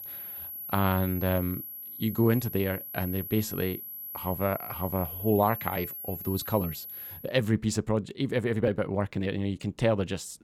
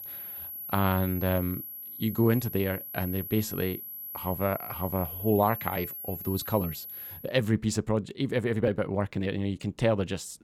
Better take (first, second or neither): neither